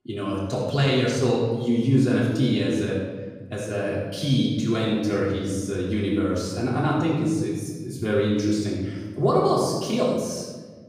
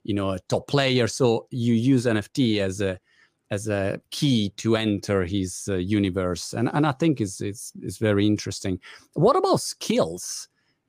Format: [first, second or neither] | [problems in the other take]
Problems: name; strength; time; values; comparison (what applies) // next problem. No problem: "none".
second | off-mic speech; far // room echo; noticeable; dies away in 1.4 s